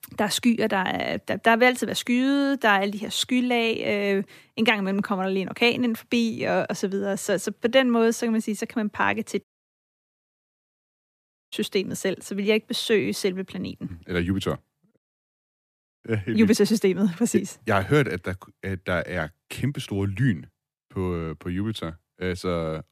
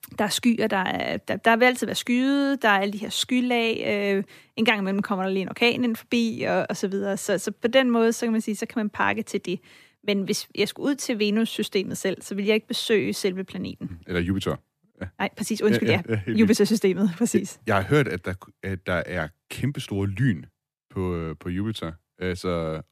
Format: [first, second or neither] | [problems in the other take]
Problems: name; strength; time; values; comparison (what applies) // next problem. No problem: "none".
second | audio cutting out; at 9.5 s for 2 s and at 15 s for 1 s